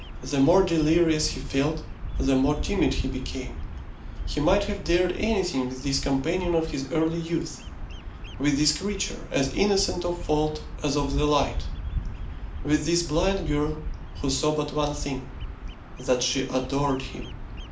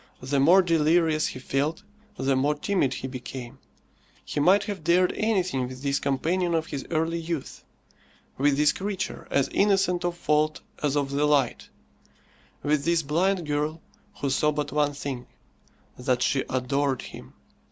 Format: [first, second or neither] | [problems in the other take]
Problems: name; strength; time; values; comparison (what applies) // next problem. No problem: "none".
second | background sound (Bird vocalization, bird call, bird song); 7 dB below the speech // room echo; dies away in 0.4 s